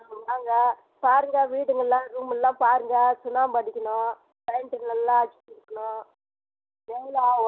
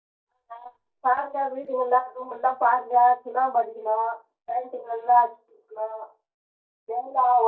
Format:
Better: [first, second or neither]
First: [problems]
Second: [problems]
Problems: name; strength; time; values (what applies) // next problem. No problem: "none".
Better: first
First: none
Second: noise reduction (neural mask model DeepFilterNet 3)